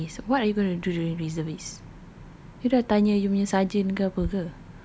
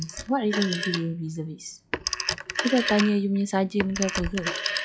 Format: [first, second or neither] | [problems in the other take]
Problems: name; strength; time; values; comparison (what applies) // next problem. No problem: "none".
first | noise reduction (classical method log-MMSE)